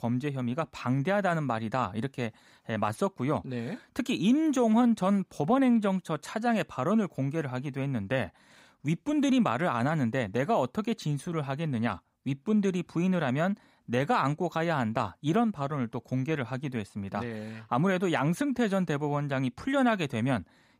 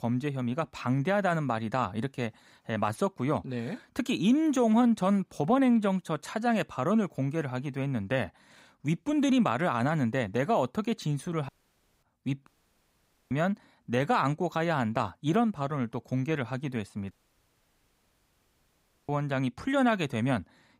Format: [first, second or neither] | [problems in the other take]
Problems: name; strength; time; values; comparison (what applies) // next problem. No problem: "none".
first | audio cutting out; at 11 s for 0.5 s, at 12 s for 1 s and at 17 s for 2 s